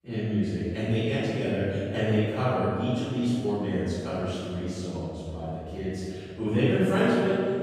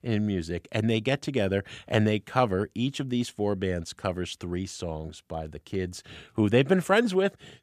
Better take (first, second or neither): second